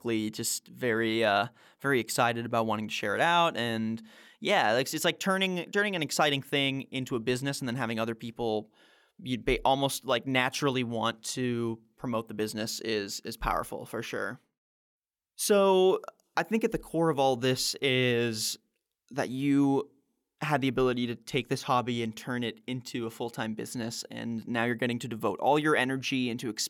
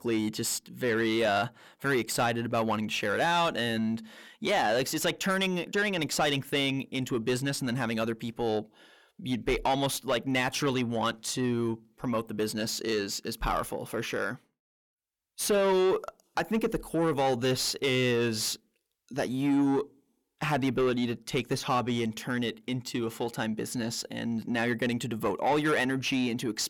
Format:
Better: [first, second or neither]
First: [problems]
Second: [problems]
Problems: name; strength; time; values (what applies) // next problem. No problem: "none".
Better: first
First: none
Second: distortion; slight; 10 dB below the speech